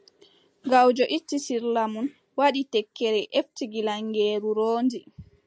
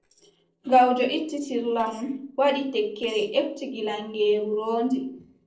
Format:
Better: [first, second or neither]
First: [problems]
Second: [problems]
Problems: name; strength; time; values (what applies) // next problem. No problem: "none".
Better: first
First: none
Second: noise reduction (neural separator model SepFormer DNS4)